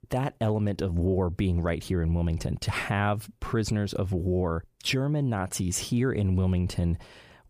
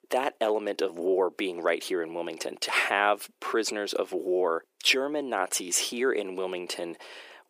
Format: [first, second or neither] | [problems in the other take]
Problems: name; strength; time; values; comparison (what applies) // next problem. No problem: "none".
first | thin; very; fading below 350 Hz